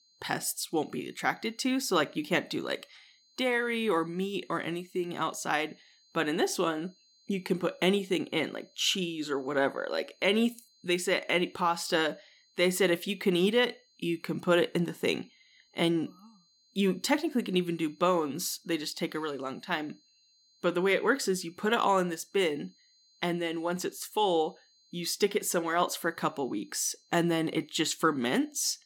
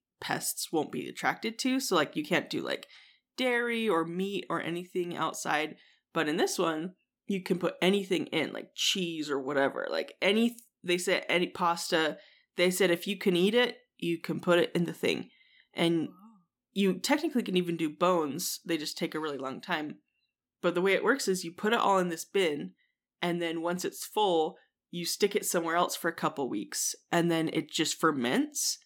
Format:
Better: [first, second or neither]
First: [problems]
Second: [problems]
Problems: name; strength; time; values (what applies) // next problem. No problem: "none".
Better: second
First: high-pitched whine; faint; throughout; 4 kHz, 35 dB below the speech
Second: none